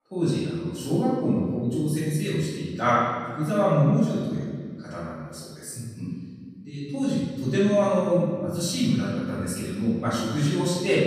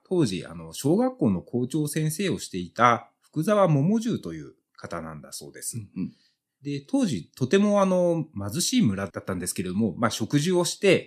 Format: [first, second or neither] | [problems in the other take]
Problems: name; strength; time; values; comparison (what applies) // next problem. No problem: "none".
second | off-mic speech; far // room echo; strong; dies away in 1.7 s